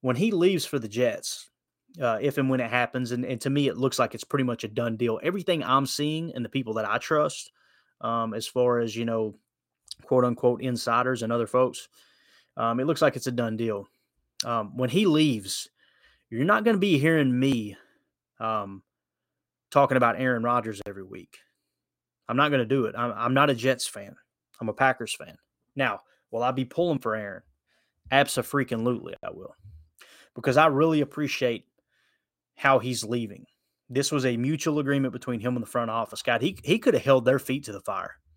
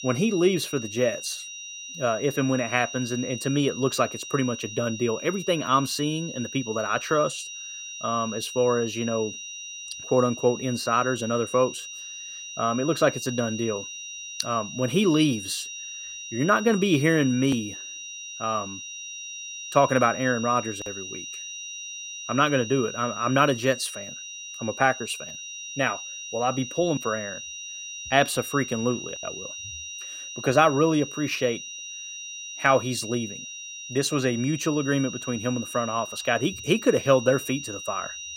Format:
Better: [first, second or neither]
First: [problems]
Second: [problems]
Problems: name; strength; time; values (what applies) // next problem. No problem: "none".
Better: first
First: none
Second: high-pitched whine; loud; throughout; 3 kHz, 10 dB below the speech